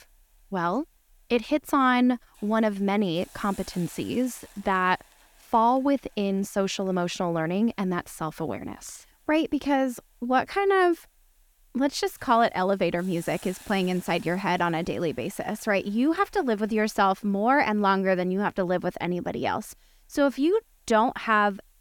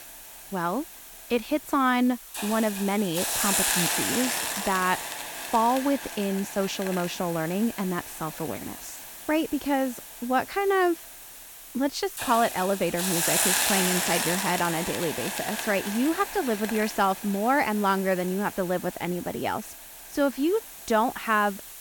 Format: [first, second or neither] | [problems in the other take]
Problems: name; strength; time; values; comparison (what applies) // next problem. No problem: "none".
first | hiss; loud; throughout; 2 dB below the speech; faint in the first